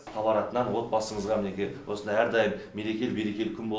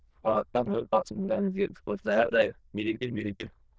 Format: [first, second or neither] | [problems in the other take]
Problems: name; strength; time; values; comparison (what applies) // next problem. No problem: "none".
first | noise reduction (neural diffusion model UNIVERSE++)